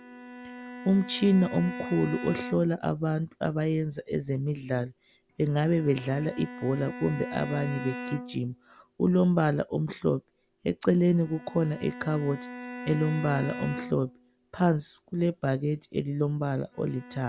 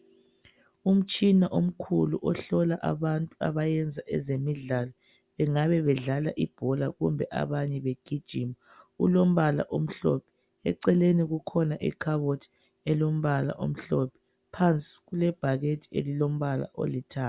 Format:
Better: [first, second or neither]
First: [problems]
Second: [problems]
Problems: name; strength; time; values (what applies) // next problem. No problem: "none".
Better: second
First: background sound (Bowed string instrument); 14 dB below the speech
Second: none